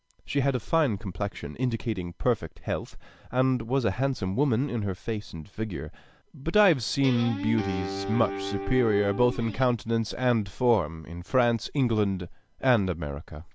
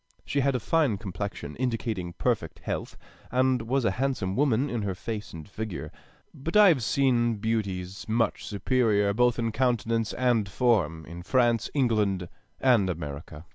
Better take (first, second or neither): second